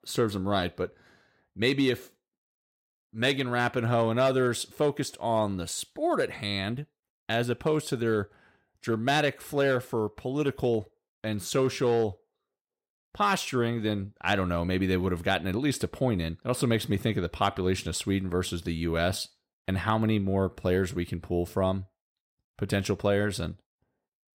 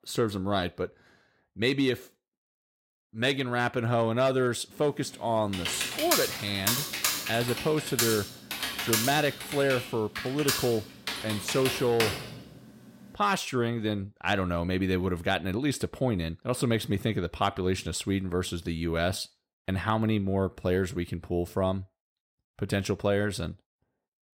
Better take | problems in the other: first | keyboard typing; loud; from 5.5 to 12 s; peak 3 dB above the speech

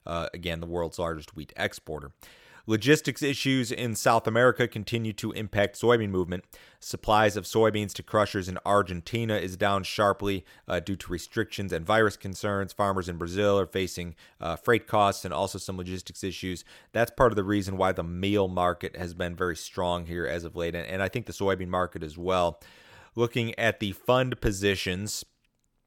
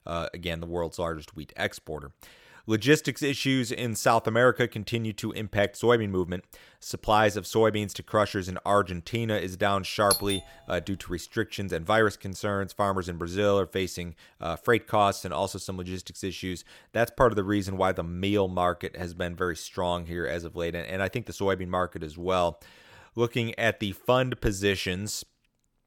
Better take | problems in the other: first | doorbell; loud; at 10 s; peak level with the speech

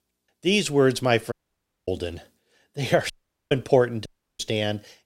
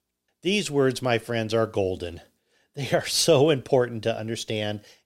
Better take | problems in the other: second | audio cutting out; at 1.5 s for 0.5 s, at 3 s and at 4 s

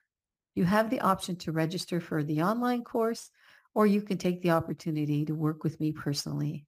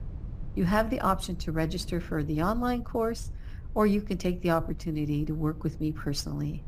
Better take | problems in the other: first | low rumble; faint; throughout; 25 dB below the speech

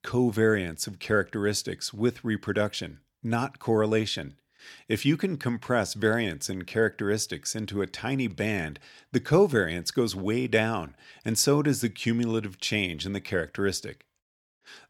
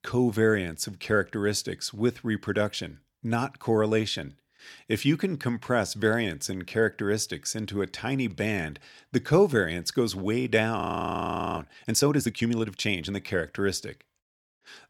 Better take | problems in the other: first | audio freezing; at 11 s for 1 s

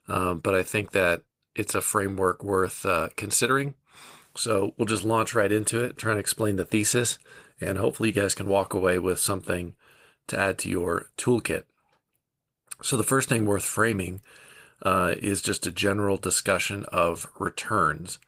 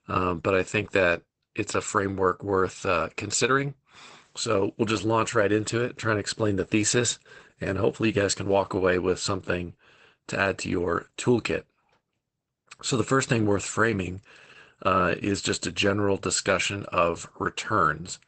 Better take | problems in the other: first | garbled, watery; badly; nothing above 8 kHz; slightly in the first

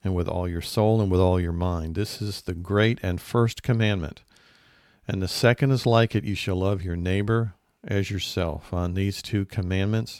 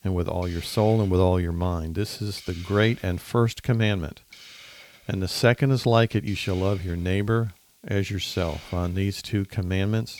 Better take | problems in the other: first | hiss; faint; throughout; 20 dB below the speech

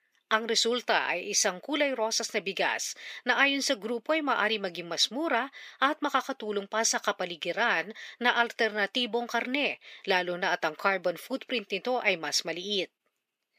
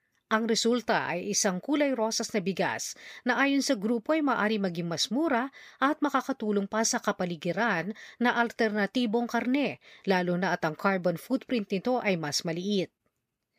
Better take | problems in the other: second | thin; somewhat; fading below 350 Hz

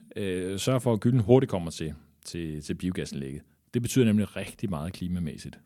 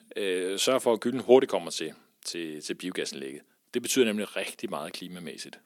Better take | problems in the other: first | thin; somewhat; fading below 350 Hz

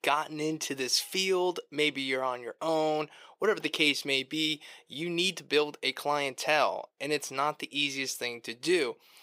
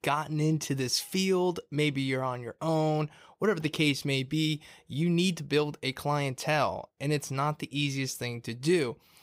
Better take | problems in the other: second | thin; somewhat; fading below 400 Hz

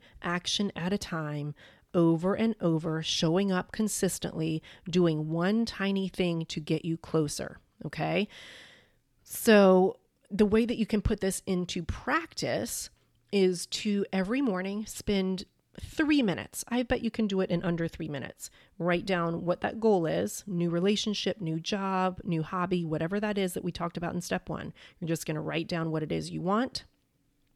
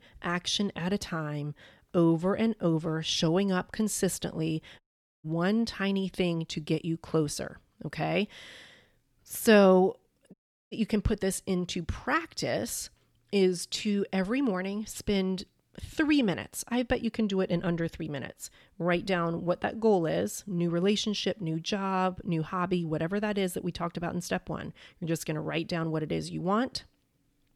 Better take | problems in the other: first | audio cutting out; at 5 s and at 10 s

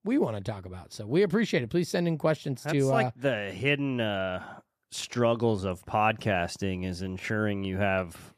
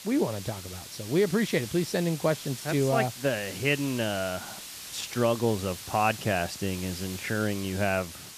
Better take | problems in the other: first | hiss; noticeable; throughout; 10 dB below the speech

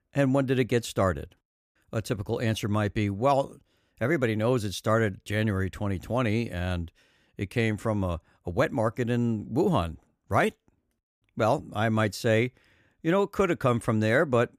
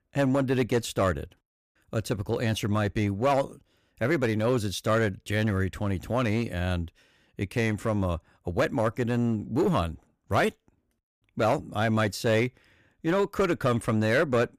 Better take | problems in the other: first | distortion; slight; 5% of the sound clipped

